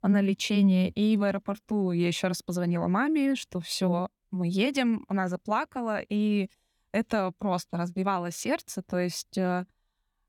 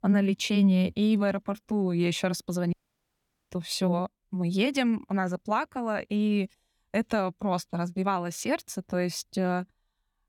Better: first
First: none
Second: audio cutting out; at 2.5 s for 1 s

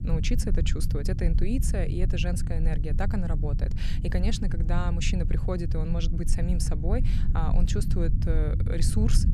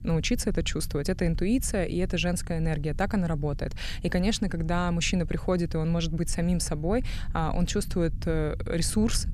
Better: second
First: low rumble; loud; throughout; 8 dB below the speech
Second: low rumble; faint; throughout; 25 dB below the speech

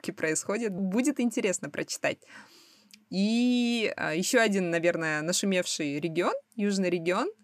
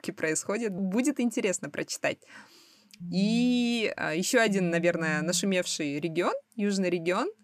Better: first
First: none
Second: phone ringing; noticeable; from 3 to 5.5 s; peak 7 dB below the speech

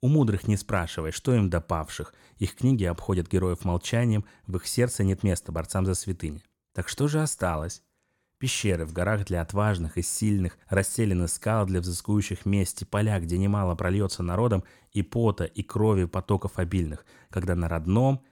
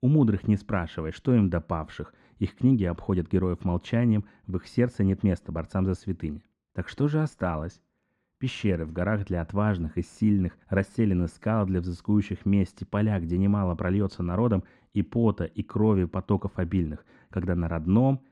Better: first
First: none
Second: muffled; slightly; fading above 2.5 kHz

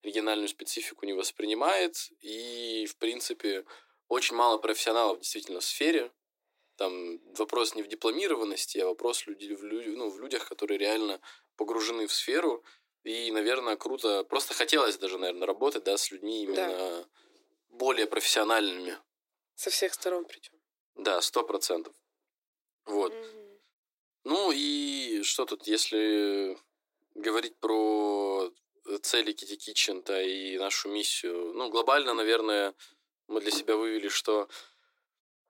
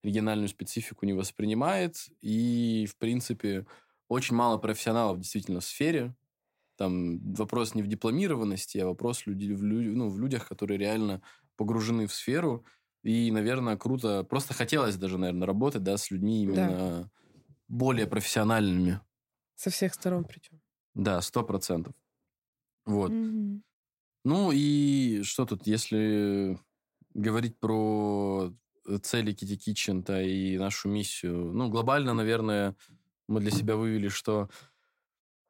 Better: second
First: thin; very; fading below 300 Hz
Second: none

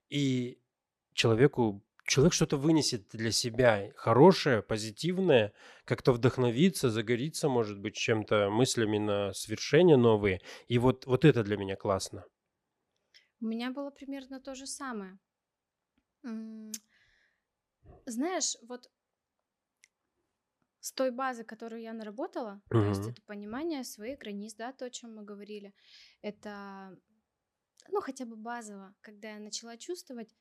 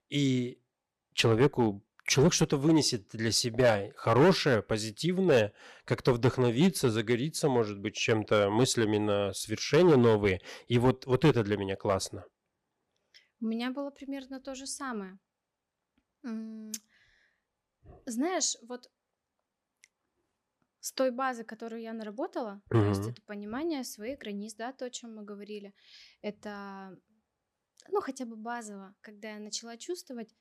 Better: first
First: none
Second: distortion; slight; 1.7% of the sound clipped

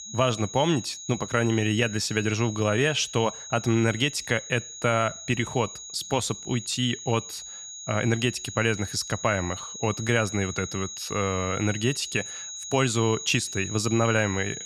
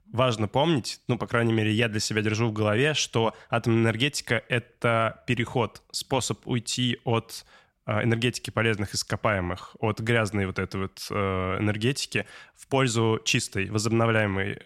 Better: second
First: high-pitched whine; loud; throughout; 6.5 kHz, 10 dB below the speech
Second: none

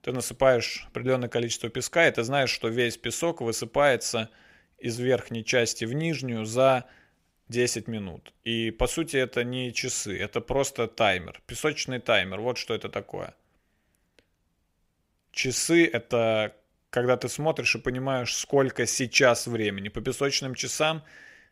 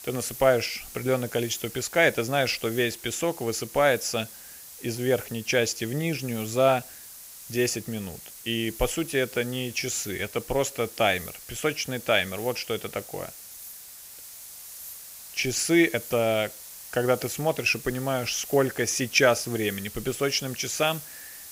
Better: first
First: none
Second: hiss; noticeable; throughout; 15 dB below the speech

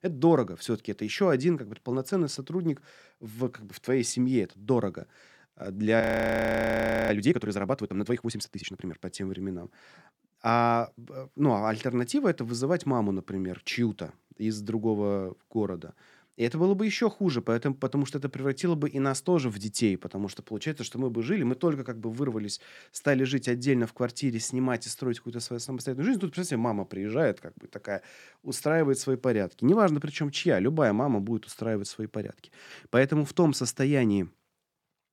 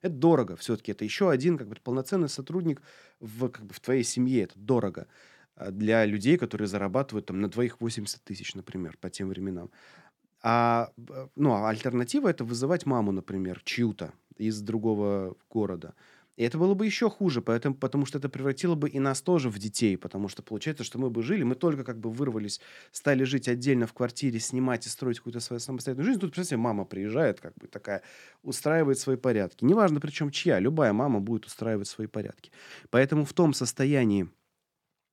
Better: second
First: audio freezing; at 6 s for 1 s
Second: none

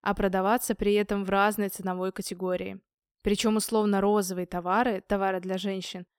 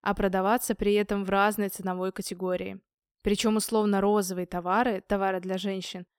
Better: neither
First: none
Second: none

